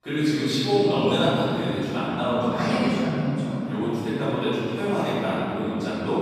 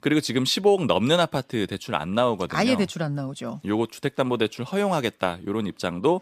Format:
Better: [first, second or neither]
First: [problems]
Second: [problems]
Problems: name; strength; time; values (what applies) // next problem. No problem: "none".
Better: second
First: off-mic speech; far // room echo; strong; dies away in 2.9 s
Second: none